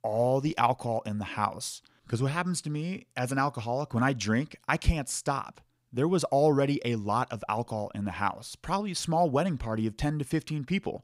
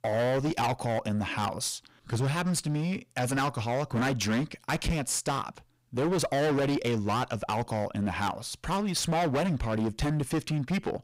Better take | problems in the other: first | distortion; heavy; 21% of the sound clipped

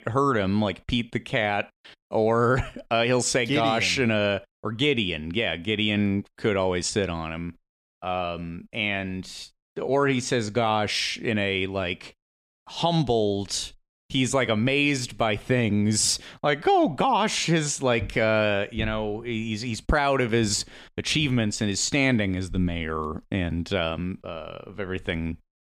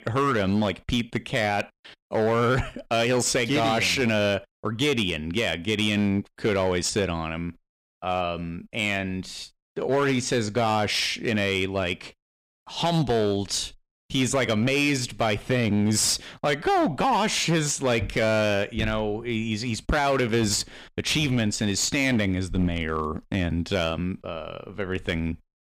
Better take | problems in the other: first | distortion; slight; 9% of the sound clipped

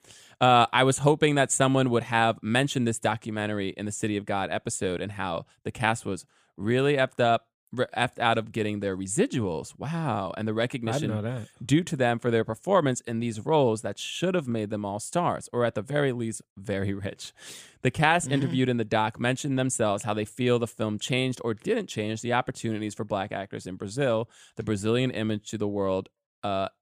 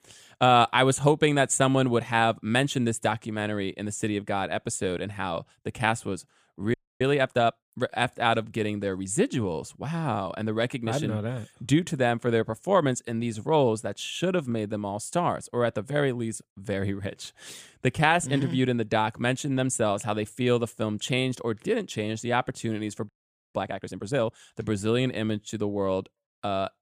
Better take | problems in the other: first | audio freezing; at 6.5 s and at 23 s

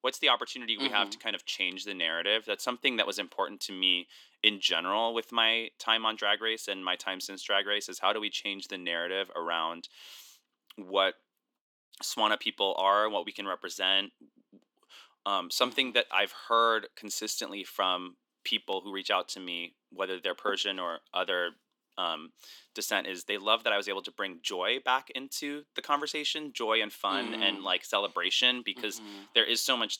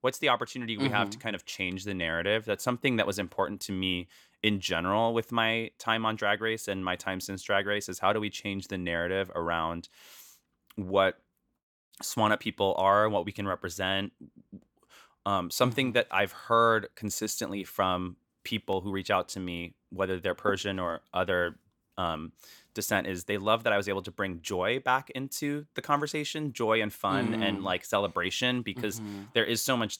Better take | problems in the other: second | thin; very slightly; fading below 250 Hz

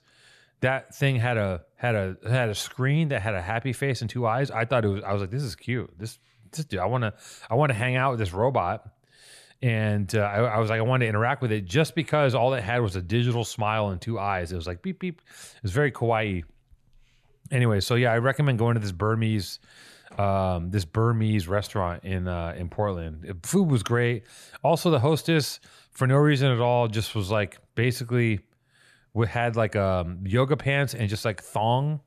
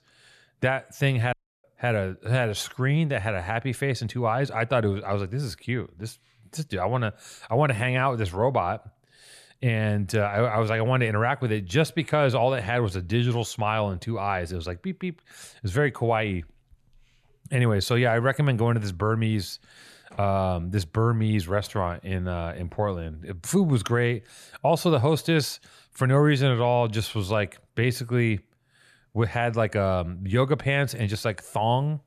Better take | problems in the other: first | audio cutting out; at 1.5 s

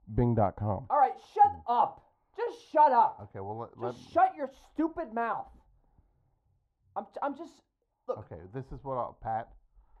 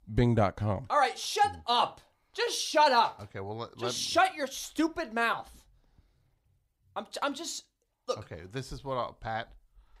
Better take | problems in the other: second | muffled; very; fading above 2 kHz

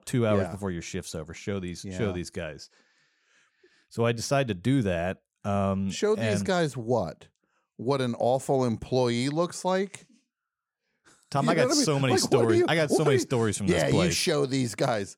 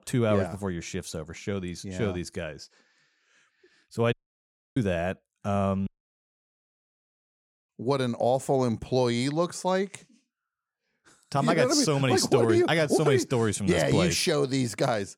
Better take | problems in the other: first | audio cutting out; at 4 s for 0.5 s and at 6 s for 2 s

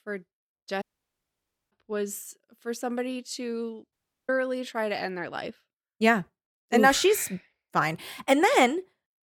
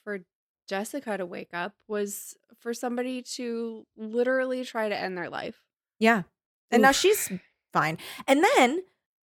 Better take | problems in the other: second | audio cutting out; at 1 s for 1 s and at 4 s

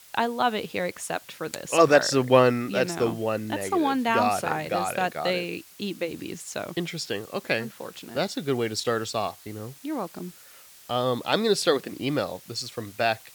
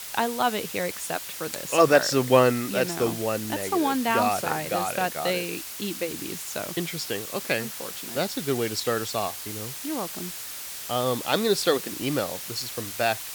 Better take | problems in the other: first | hiss; loud; throughout; 8 dB below the speech; faint in the first

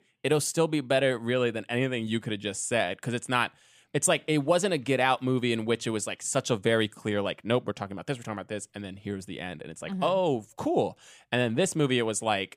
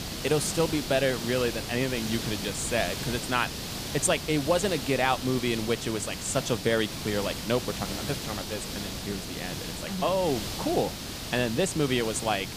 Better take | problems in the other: first | hiss; loud; throughout; 6 dB below the speech

